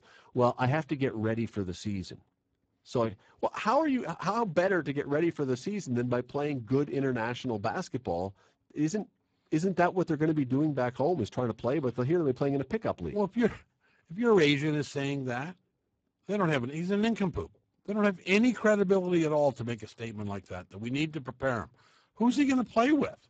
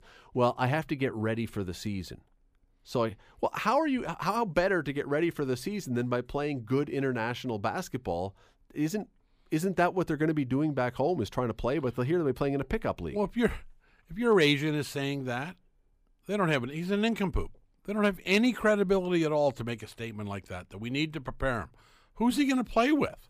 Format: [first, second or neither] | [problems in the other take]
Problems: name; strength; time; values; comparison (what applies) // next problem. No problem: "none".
second | garbled, watery; badly; nothing above 7.5 kHz